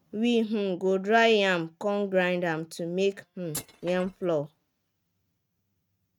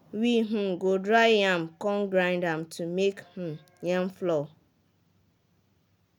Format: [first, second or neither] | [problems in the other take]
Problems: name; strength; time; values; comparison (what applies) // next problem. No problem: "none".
second | noise reduction (neural mask model RNNoise)